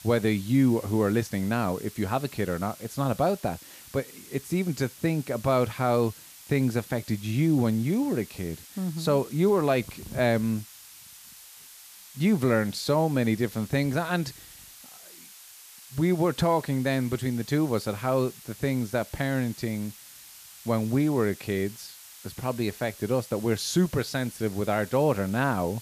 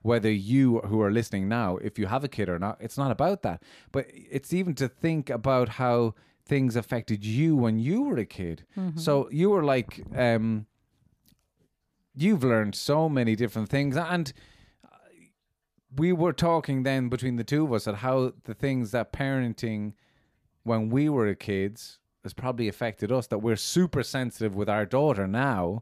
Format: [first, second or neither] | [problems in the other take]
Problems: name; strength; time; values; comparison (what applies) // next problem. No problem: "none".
second | hiss; noticeable; throughout; 20 dB below the speech